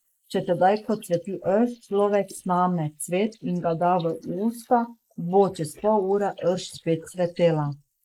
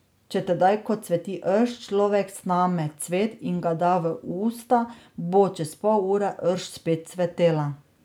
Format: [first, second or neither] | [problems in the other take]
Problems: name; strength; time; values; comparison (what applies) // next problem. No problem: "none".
second | noise reduction (neural mask model Resemble Enhance denoiser)